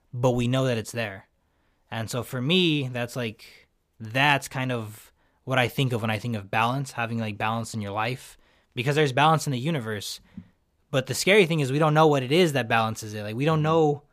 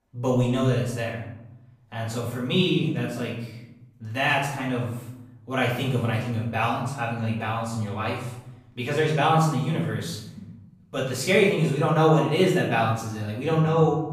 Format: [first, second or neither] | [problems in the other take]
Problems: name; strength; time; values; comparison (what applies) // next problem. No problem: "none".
first | room echo; noticeable; dies away in 0.8 s // off-mic speech; far